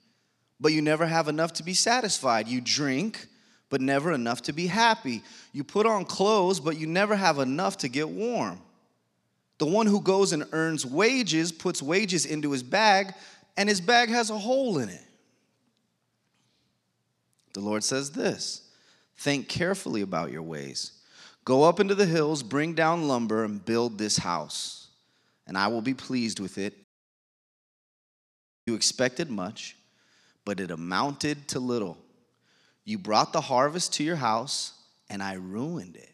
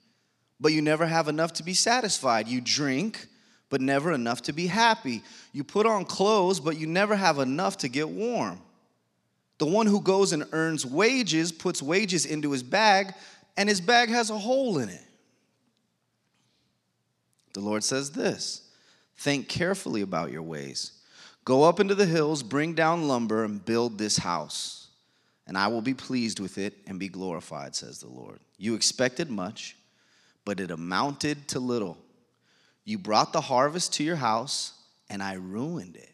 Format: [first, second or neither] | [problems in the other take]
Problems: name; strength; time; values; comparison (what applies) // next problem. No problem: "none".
second | audio cutting out; at 27 s for 2 s